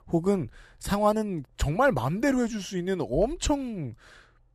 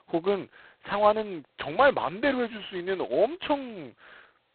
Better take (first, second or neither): first